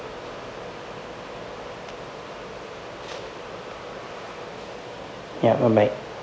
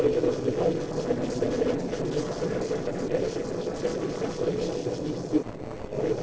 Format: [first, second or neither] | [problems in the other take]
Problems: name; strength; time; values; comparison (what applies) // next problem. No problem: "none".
first | noise reduction (neural separator model SepFormer DNS4)